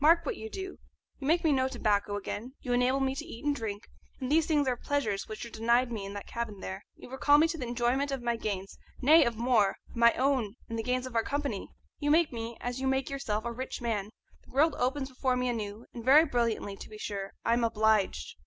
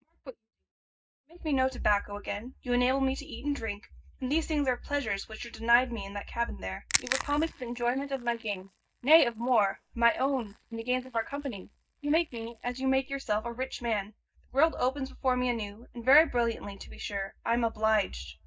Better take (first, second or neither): first